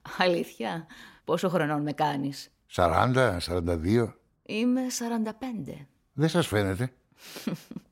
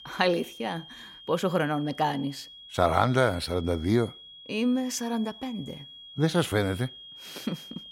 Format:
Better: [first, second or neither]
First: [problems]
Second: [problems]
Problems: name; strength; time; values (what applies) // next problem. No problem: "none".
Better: first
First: none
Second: high-pitched whine; noticeable; throughout; 3.5 kHz, 15 dB below the speech